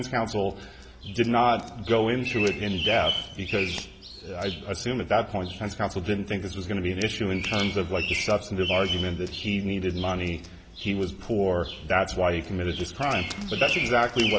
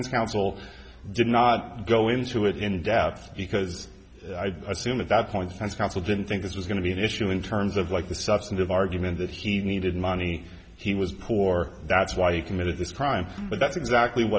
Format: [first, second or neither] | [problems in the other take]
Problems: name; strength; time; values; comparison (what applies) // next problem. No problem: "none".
second | background sound (Bird vocalization, bird call, bird song); 8 dB below the speech